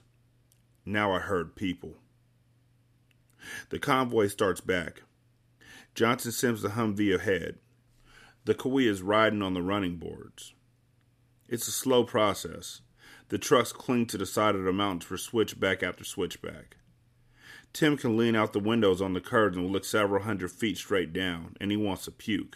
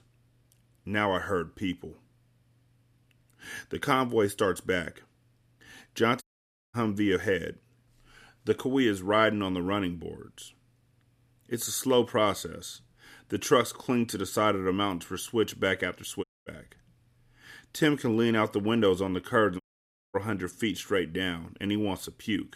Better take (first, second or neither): first